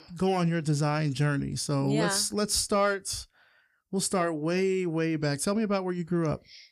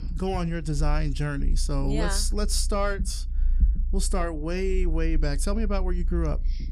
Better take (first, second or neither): first